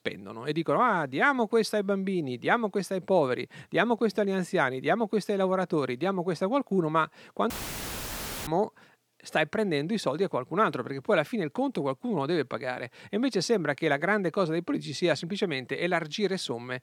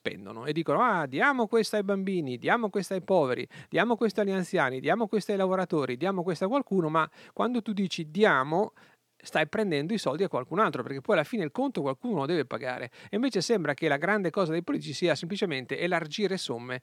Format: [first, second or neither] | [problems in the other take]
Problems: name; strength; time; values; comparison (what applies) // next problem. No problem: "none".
second | audio cutting out; filled with static; at 7.5 s for 1 s